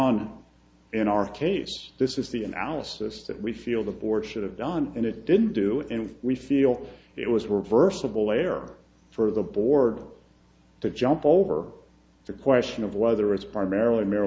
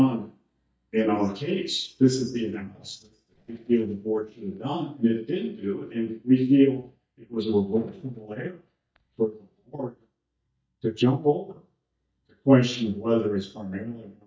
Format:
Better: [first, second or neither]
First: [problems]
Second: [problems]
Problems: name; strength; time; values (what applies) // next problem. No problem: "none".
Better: first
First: none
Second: noise reduction (neural mask model DeepFilterNet 3)